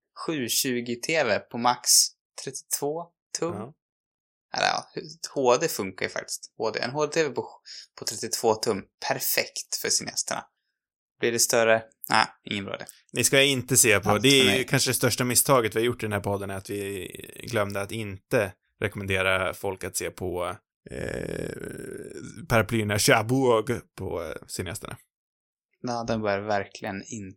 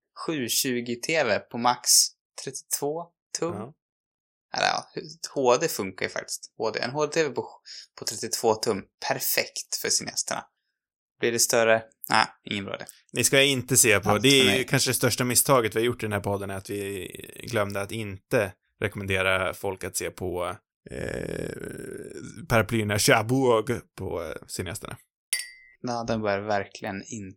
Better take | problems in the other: first | clattering dishes; noticeable; at 25 s; peak 5 dB below the speech

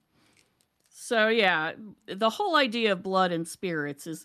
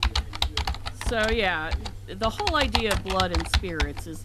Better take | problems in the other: first | keyboard typing; loud; peak 2 dB above the speech

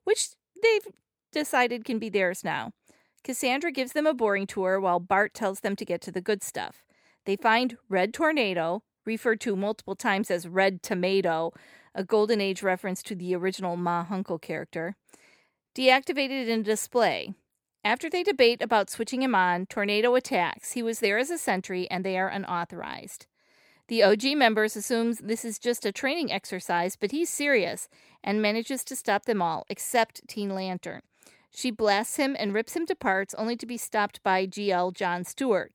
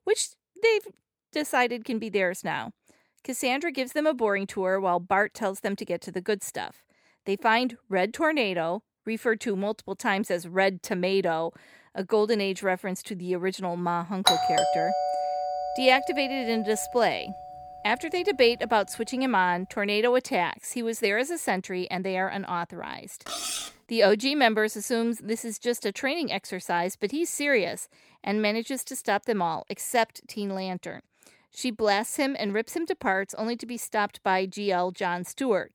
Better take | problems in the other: first | doorbell; loud; from 14 to 16 s; peak 5 dB above the speech // clattering dishes; noticeable; at 23 s; peak 3 dB below the speech

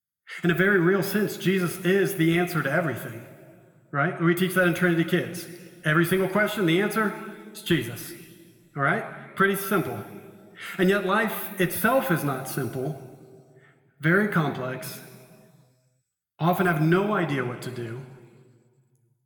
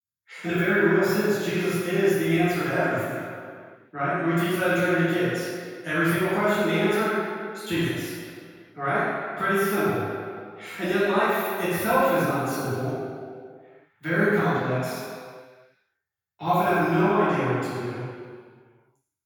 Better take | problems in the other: first | room echo; strong; dies away in 1.8 s; slight in the first // off-mic speech; far

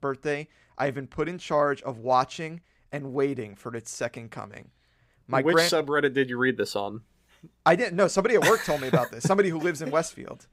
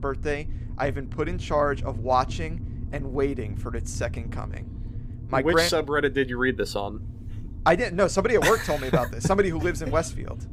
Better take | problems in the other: first | low rumble; faint; throughout; 25 dB below the speech

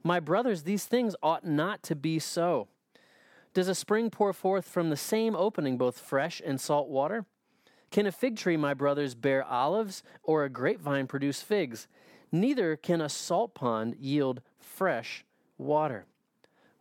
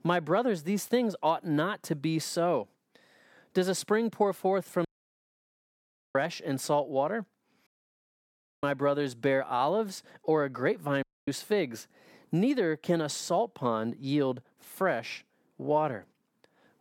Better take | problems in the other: first | audio cutting out; at 5 s for 1.5 s, at 7.5 s for 1 s and at 11 s

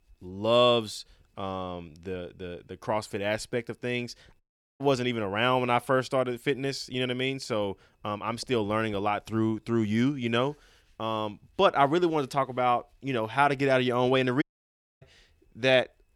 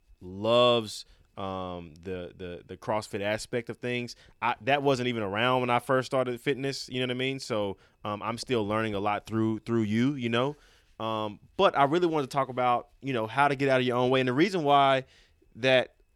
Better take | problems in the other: second | audio cutting out; at 4.5 s and at 14 s for 0.5 s

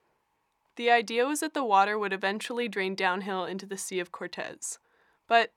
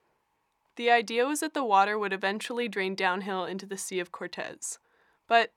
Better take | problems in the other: neither | none

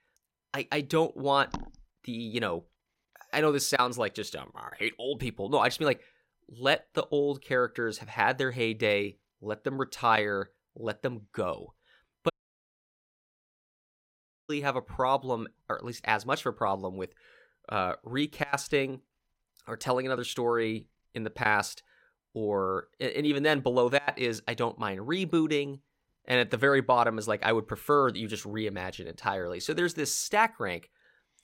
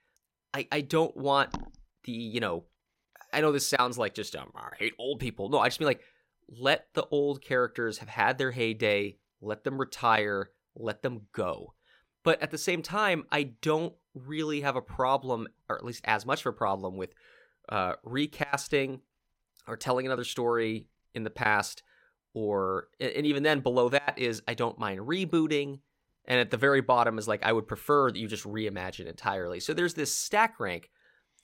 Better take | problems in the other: second | audio cutting out; at 12 s for 2 s

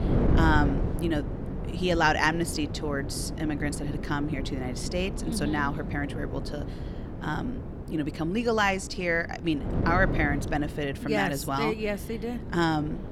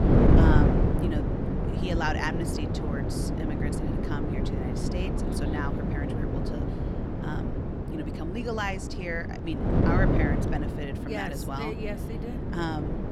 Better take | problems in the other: first | wind noise on the microphone; heavy; 1 dB above the speech; occasional gusts in the first

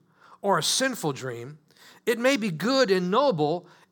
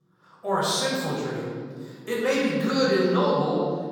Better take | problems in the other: first | room echo; strong; dies away in 1.9 s // off-mic speech; far

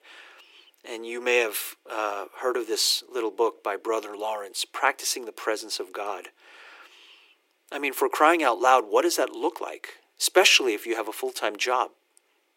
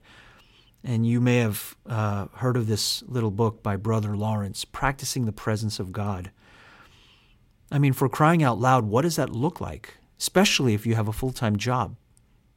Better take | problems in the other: second | thin; very; fading below 350 Hz

